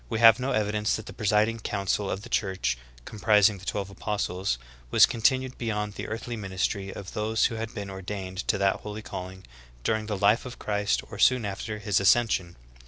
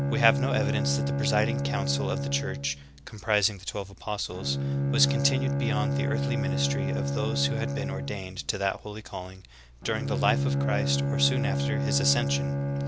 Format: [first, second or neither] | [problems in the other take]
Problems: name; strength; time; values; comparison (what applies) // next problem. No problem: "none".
first | background sound (Bowed string instrument); 2 dB above the speech